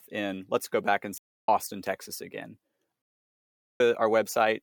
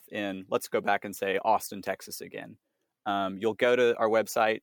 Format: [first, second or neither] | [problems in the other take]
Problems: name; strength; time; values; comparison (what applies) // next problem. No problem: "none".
second | audio cutting out; at 1 s and at 3 s for 1 s